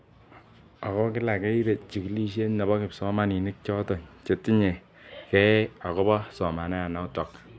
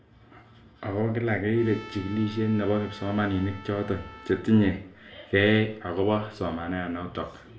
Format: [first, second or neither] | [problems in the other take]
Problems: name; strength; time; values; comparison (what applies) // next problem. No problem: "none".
first | background sound (Trumpet); 19 dB below the speech // room echo; dies away in 0.4 s